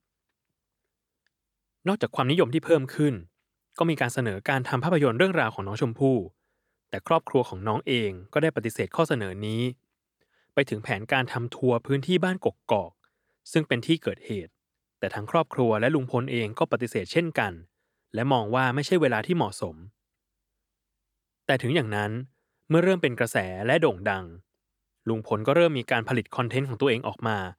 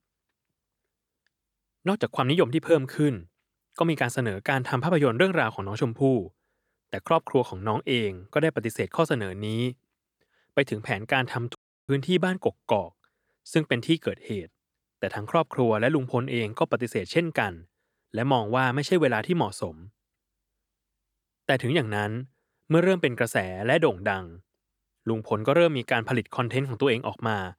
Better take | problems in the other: first | audio cutting out; at 12 s

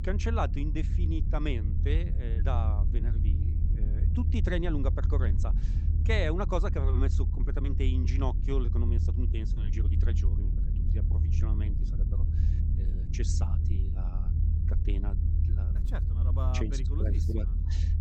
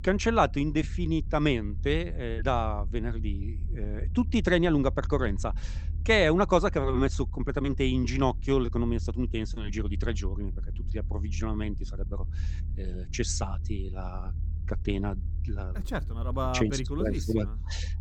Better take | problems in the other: second | low rumble; loud; throughout; 7 dB below the speech; faint in the second

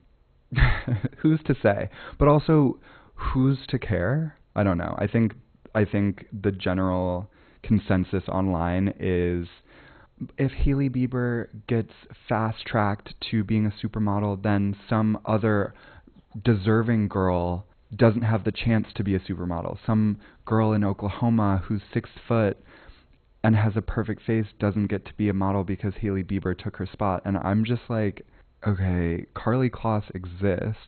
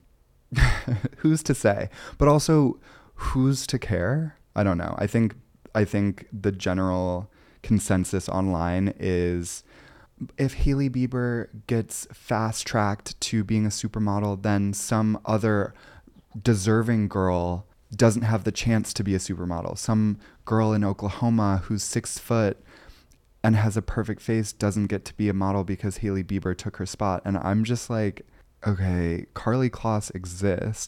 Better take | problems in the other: second | garbled, watery; badly; nothing above 4 kHz

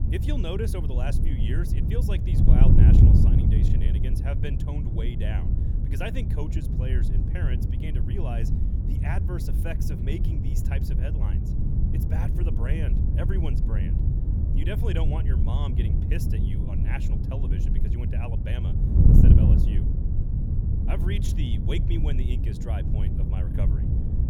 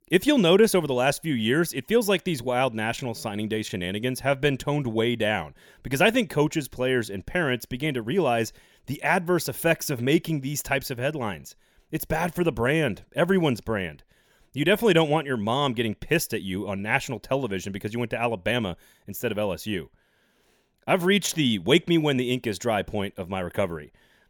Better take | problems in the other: second | wind noise on the microphone; heavy; 2 dB above the speech

